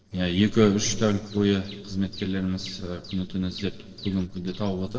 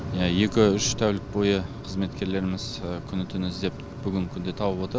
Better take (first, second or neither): second